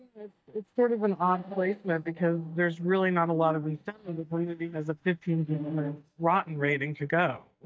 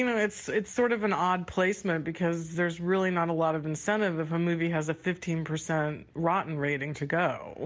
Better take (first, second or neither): second